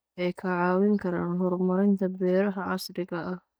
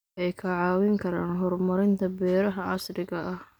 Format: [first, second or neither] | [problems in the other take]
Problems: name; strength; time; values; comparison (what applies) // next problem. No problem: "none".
second | noise reduction (neural mask model DeepFilterNet 3)